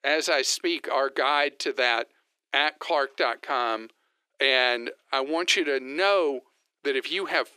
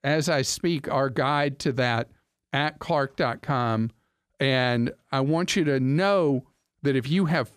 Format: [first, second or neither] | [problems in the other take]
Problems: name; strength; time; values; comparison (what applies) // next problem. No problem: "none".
second | thin; very; fading below 350 Hz